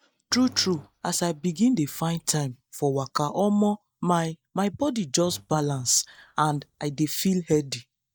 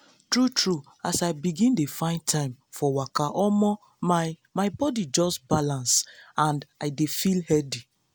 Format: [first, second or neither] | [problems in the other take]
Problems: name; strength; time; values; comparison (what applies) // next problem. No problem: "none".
second | noise reduction (neural mask model DeepFilterNet 3)